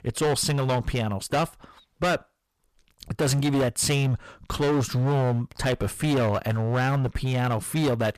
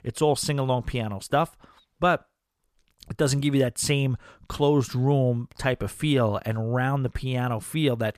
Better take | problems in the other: second | distortion; heavy; 17% of the sound clipped

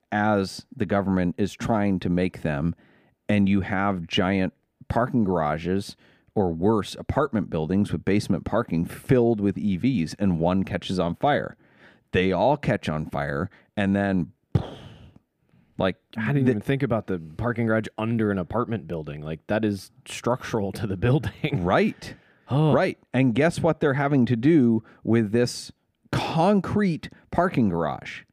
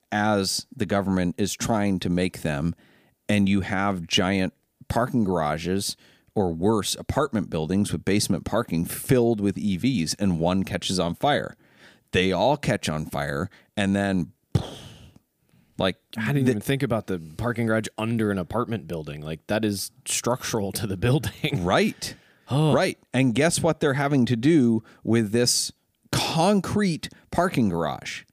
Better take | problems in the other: second | muffled; slightly; fading above 3.5 kHz

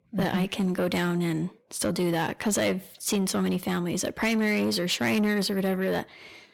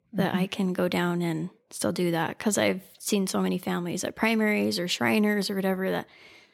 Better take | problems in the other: second | distortion; slight; 10 dB below the speech

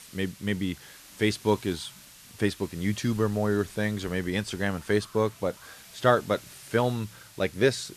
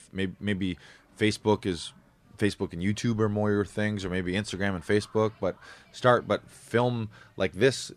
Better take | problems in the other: second | hiss; noticeable; throughout; 20 dB below the speech

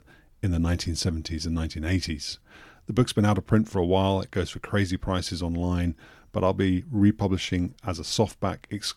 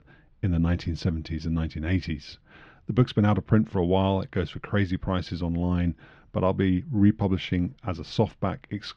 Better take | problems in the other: first | muffled; slightly; fading above 3.5 kHz

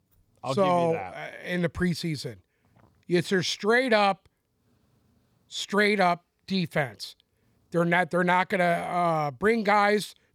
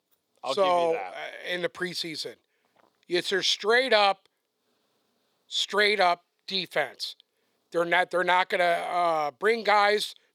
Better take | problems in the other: first | thin; somewhat; fading below 450 Hz

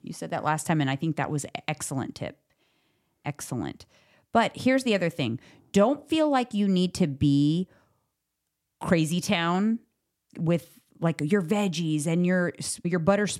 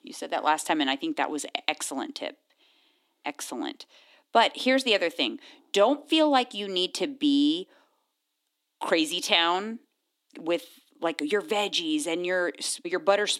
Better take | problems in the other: first | thin; somewhat; fading below 300 Hz

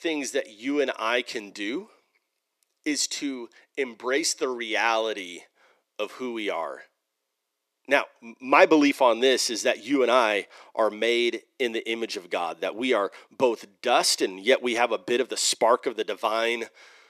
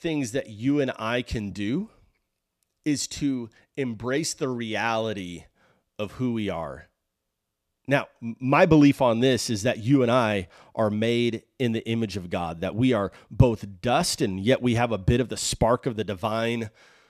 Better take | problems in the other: second | thin; somewhat; fading below 350 Hz

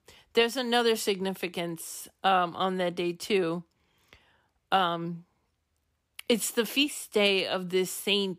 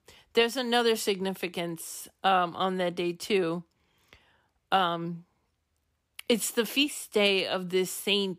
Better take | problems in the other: neither | none

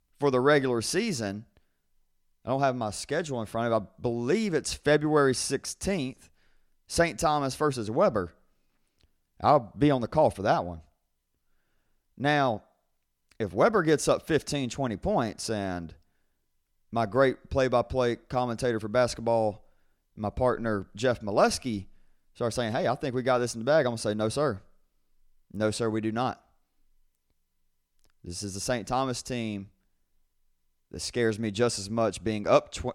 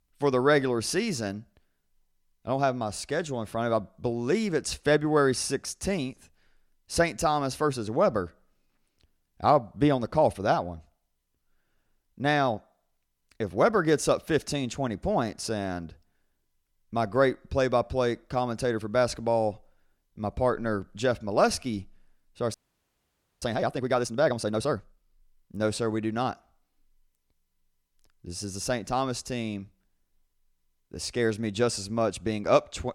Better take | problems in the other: first | audio freezing; at 23 s for 1 s

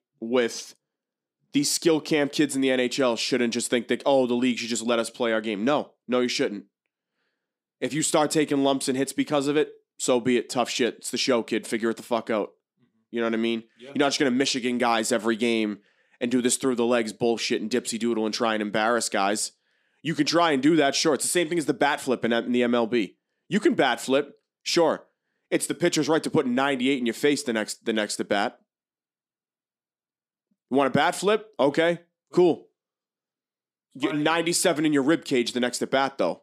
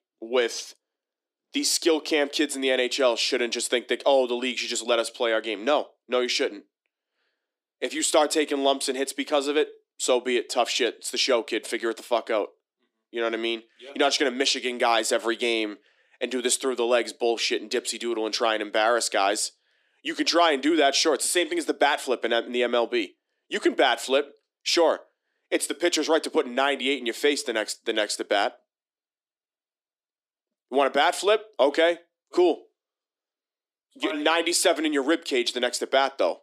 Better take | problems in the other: first | thin; somewhat; fading below 300 Hz

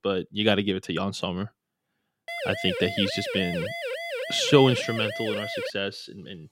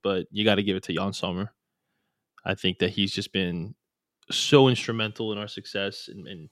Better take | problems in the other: second | siren; noticeable; from 2.5 to 5.5 s; peak 5 dB below the speech

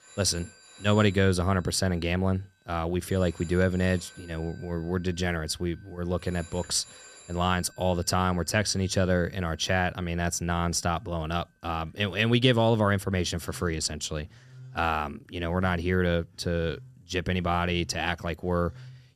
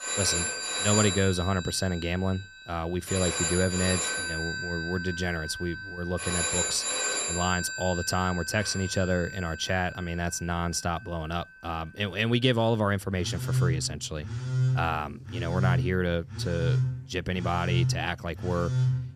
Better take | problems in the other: first | alarms or sirens; loud; throughout; 1 dB below the speech; faint in the first

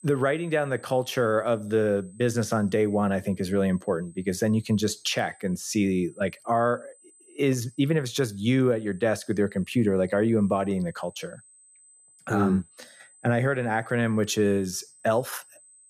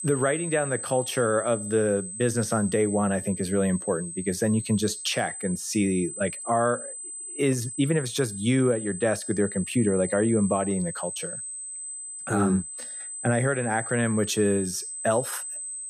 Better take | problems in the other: first | high-pitched whine; loud; throughout; 8 kHz, 8 dB below the speech; faint in the first

